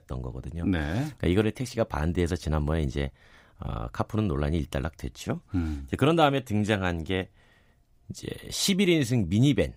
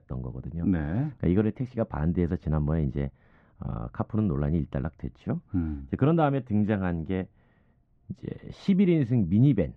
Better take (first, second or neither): first